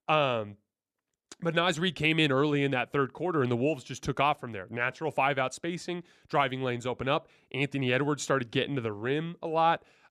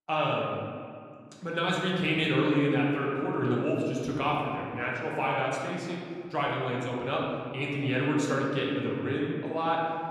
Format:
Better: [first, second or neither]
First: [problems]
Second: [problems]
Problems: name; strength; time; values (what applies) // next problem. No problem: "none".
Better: first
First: none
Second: room echo; noticeable; dies away in 2 s // off-mic speech; far